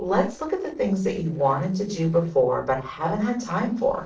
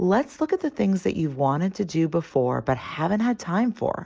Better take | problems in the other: second | noise reduction (neural separator model SepFormer DNS4)

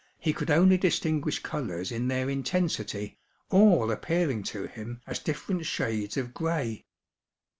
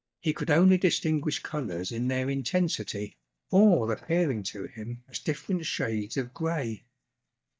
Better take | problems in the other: first | noise reduction (neural mask model DeepFilterNet 3)

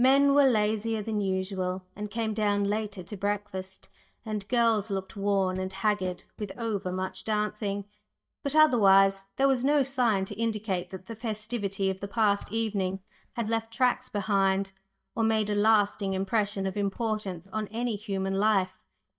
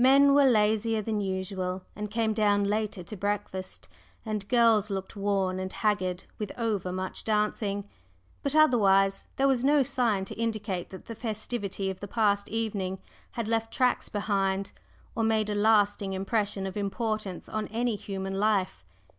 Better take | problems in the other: second | noise reduction (neural mask model DeepFilterNet 3)

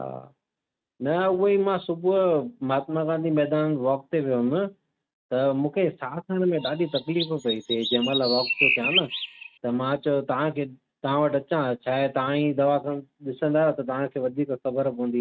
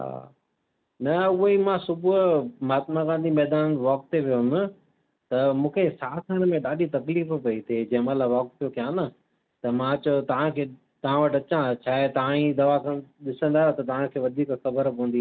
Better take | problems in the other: second | noise reduction (neural mask model RNNoise)

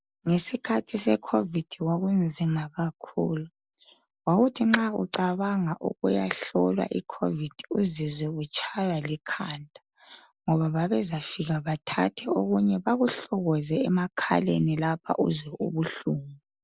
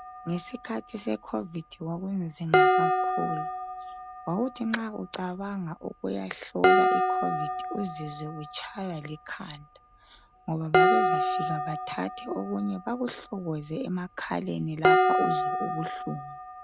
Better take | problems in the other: first | background sound (Dishes, pots, and pans); 5 dB above the speech

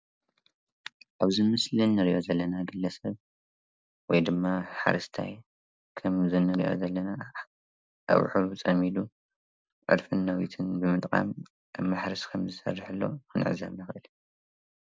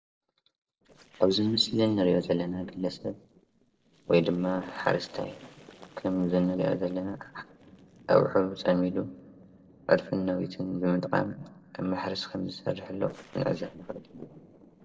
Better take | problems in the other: first | noise reduction (neural separator model SepFormer DNS4)

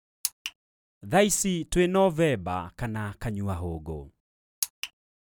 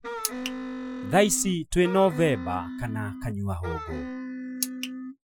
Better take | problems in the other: first | noise reduction (classical method Wiener filter)

